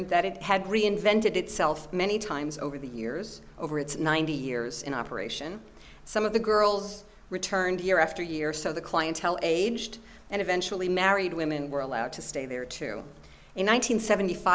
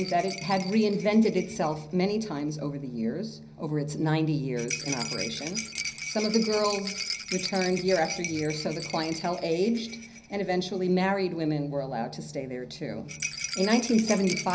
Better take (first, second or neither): first